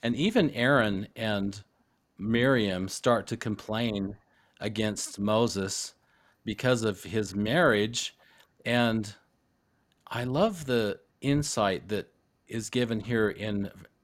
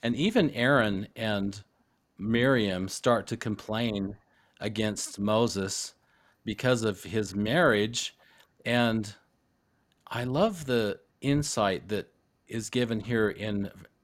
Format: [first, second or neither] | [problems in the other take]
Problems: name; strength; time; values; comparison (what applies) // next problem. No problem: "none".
neither | none